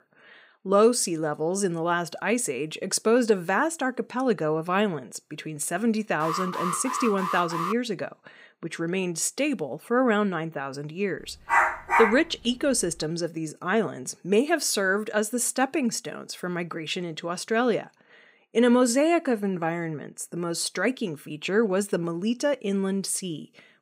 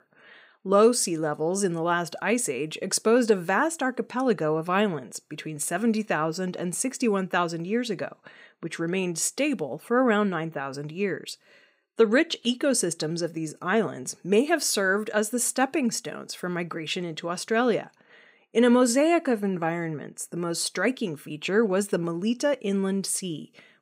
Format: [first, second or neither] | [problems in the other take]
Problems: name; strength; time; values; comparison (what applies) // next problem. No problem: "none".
second | alarm; noticeable; from 6 to 7.5 s; peak 4 dB below the speech // dog barking; loud; at 11 s; peak 4 dB above the speech